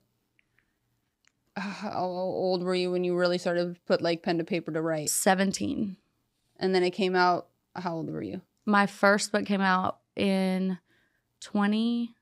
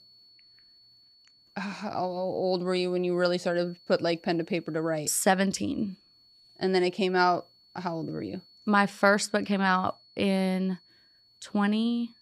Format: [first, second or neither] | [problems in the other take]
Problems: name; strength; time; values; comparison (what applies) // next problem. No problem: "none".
first | high-pitched whine; faint; throughout; 4.5 kHz, 30 dB below the speech